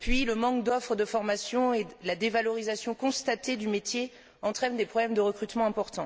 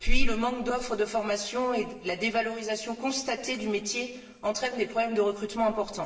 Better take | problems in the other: first | room echo; dies away in 1 s

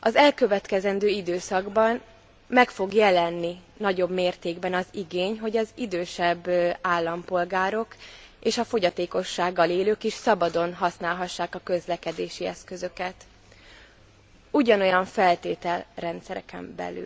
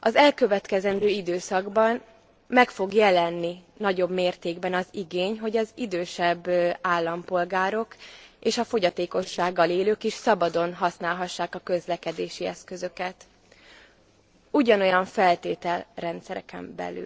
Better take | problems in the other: first | noise reduction (neural separator model SepFormer DNS4)

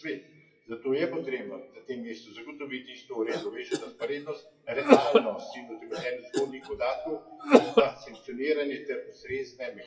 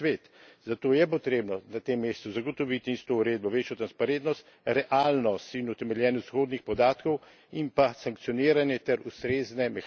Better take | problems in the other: second | noise reduction (classical method WPE with log-MMSE)

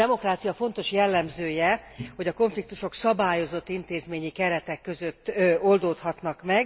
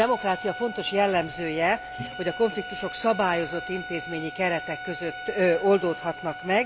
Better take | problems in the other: first | background sound (Bowed string instrument); 11 dB below the speech

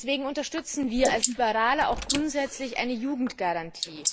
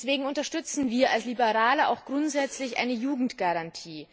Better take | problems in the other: second | noise reduction (neural mask model Resemble Enhance denoiser)

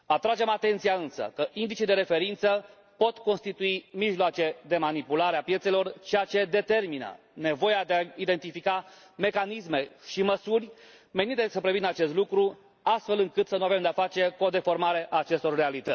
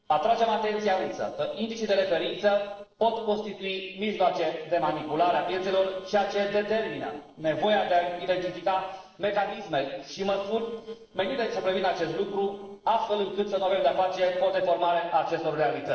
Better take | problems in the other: first | noise reduction (neural separator model SepFormer DNS4)

